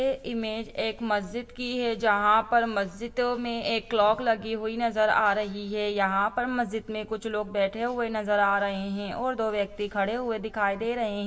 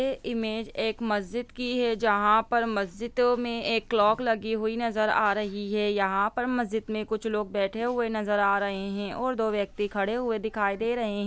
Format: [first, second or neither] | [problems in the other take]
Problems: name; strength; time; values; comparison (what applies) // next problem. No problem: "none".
second | room echo; dies away in 0.7 s